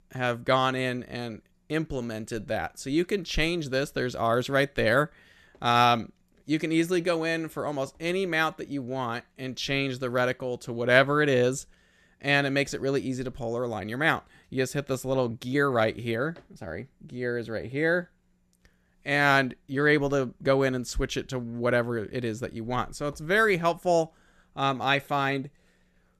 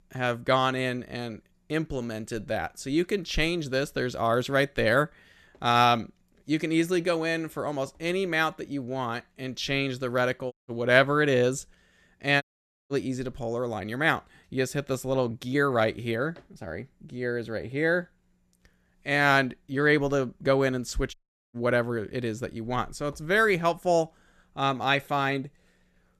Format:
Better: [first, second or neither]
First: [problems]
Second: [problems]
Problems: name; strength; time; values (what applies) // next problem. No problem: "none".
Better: first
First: none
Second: audio cutting out; at 11 s, at 12 s and at 21 s